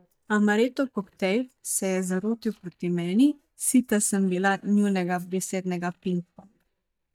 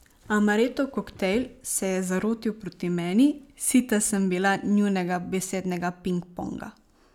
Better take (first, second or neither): second